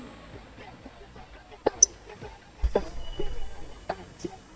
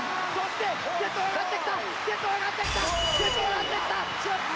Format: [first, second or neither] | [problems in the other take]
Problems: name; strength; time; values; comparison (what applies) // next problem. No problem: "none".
second | noise reduction (neural mask model DeepFilterNet 3)